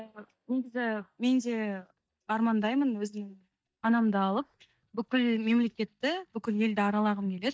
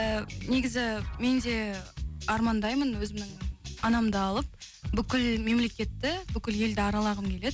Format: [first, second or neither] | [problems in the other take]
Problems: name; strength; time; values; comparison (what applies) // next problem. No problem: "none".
second | noise reduction (neural mask model DeepFilterNet 3)